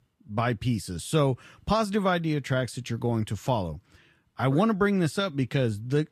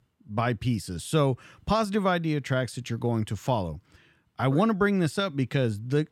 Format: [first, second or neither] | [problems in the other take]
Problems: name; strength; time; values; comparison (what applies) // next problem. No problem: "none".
second | garbled, watery; slightly; nothing above 13 kHz